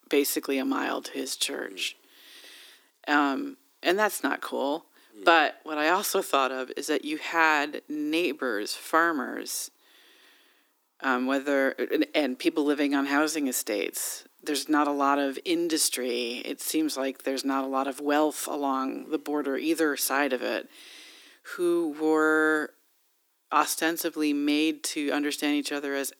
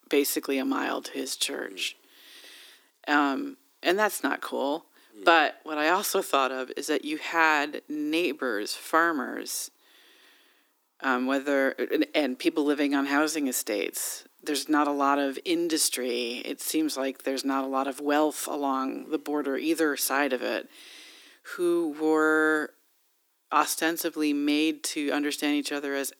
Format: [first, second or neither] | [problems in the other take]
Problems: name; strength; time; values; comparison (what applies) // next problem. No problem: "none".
neither | thin; somewhat; fading below 300 Hz; the same in both